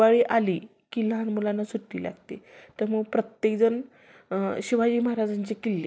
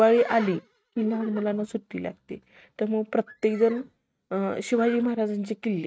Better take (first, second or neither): first